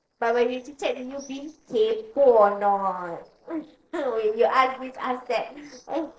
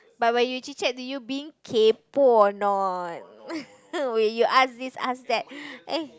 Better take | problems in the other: second | noise reduction (neural separator model SepFormer DNS4)

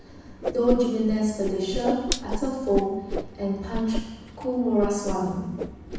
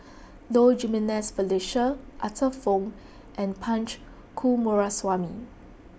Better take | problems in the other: second | background sound (Whoosh, swoosh, swish); 6 dB below the speech // room echo; dies away in 1.1 s

